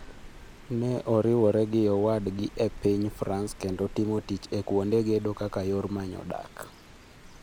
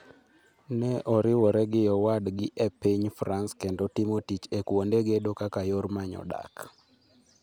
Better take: second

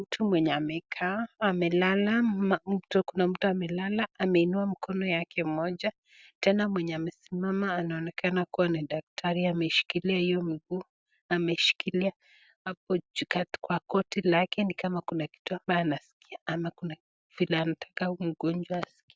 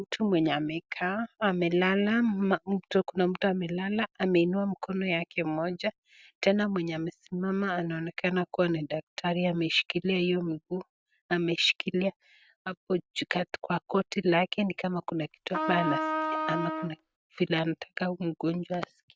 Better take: first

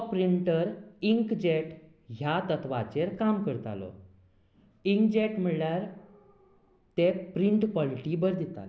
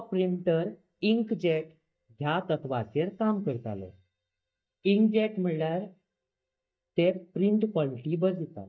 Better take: first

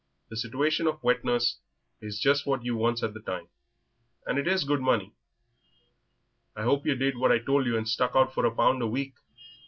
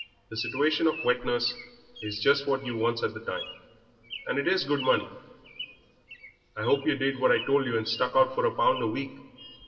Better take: first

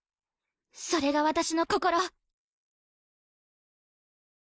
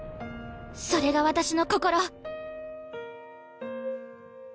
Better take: second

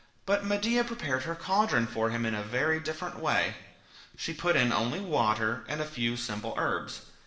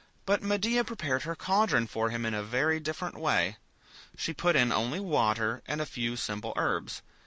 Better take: second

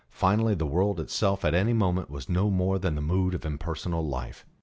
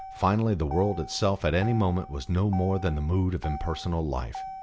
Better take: first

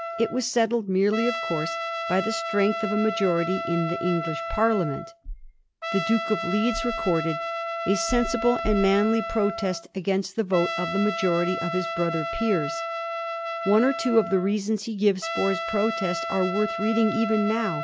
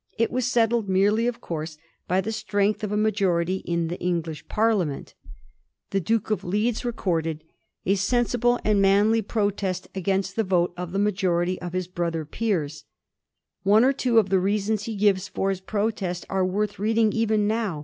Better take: second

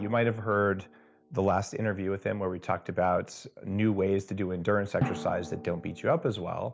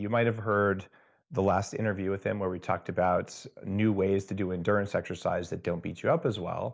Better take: second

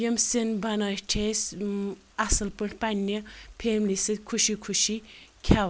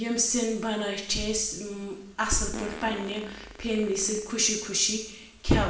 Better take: first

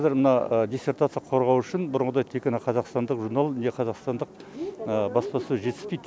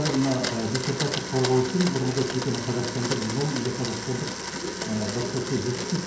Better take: first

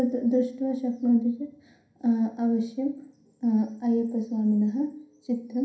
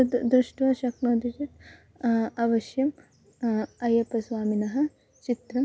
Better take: second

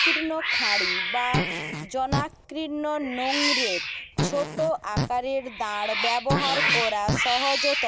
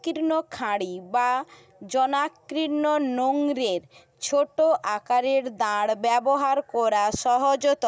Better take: second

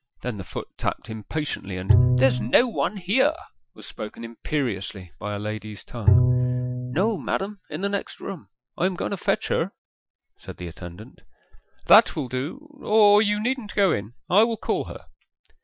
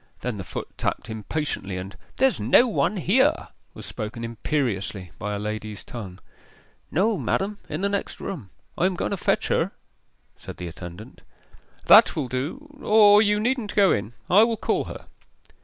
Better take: second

